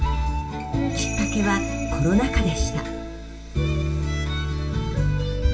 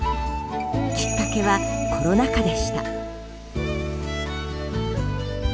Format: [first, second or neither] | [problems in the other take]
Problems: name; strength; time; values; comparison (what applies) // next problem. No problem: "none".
second | room echo; dies away in 0.2 s